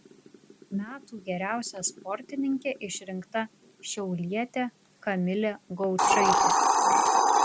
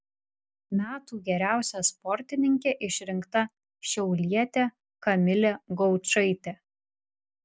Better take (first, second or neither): second